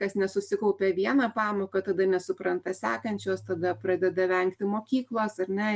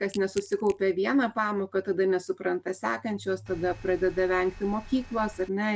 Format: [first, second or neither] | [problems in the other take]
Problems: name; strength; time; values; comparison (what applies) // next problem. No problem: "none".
first | background sound (Engine + Crack / Crushing); 19 dB below the speech